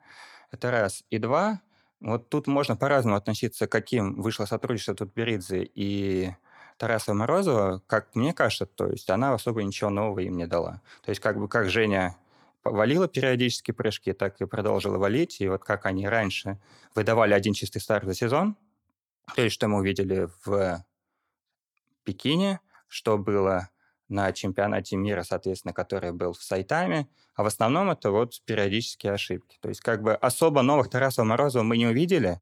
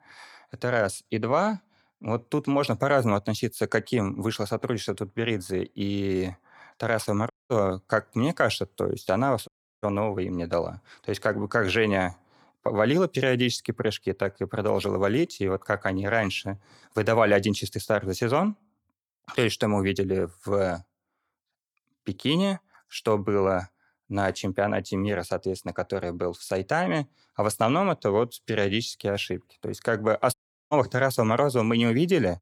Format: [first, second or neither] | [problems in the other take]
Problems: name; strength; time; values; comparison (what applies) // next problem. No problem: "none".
first | audio cutting out; at 7.5 s, at 9.5 s and at 30 s